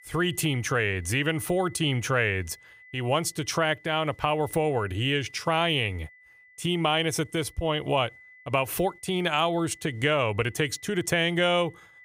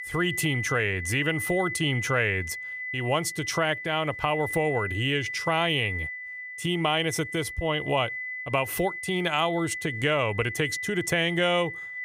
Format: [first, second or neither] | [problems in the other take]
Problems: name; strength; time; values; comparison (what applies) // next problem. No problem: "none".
first | high-pitched whine; loud; throughout; 2 kHz, 6 dB below the speech; faint in the first